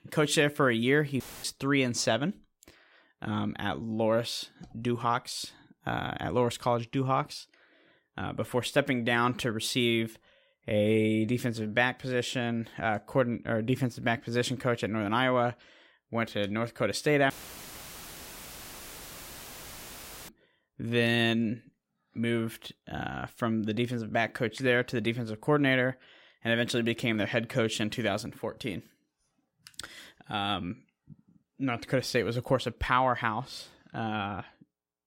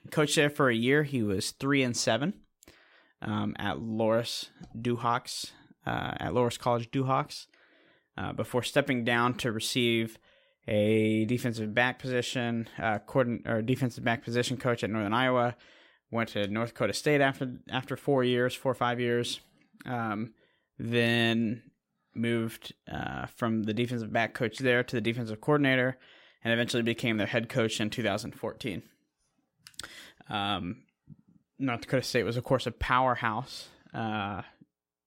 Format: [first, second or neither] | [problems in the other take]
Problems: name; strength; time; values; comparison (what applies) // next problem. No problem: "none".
second | audio cutting out; filled with static; at 1 s and at 17 s for 3 s